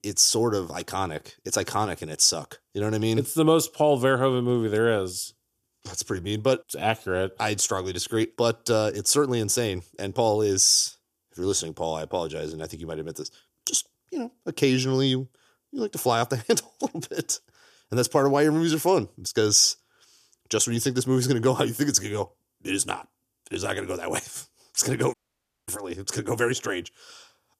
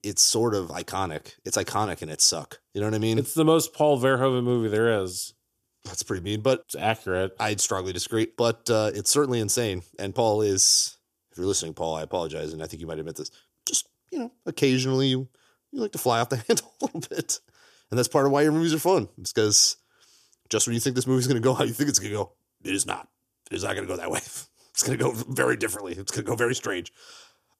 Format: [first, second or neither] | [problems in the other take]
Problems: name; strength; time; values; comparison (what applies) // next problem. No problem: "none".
second | audio cutting out; at 25 s for 0.5 s